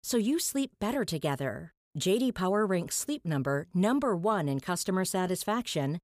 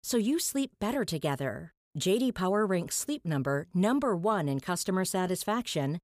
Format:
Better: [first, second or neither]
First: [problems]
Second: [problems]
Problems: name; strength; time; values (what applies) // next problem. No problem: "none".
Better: neither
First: none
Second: none